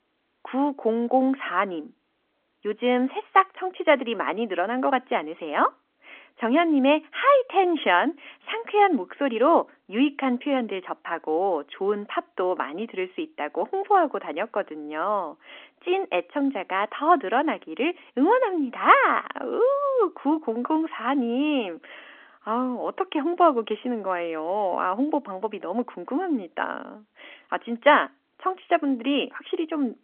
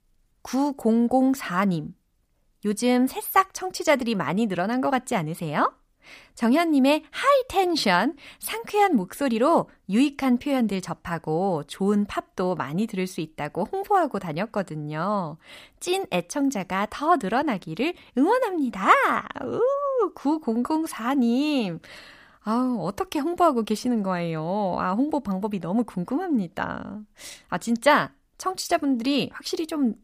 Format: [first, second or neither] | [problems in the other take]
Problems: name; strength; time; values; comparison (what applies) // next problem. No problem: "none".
second | phone-call audio; nothing above 3.5 kHz